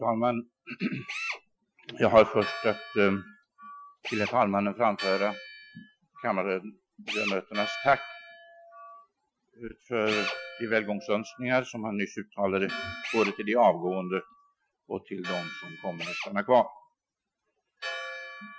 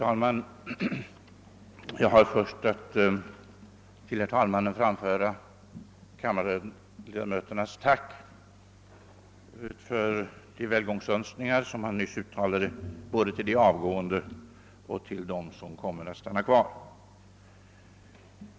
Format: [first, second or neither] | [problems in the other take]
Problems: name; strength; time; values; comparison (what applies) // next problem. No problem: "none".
second | noise reduction (classical method Wiener filter)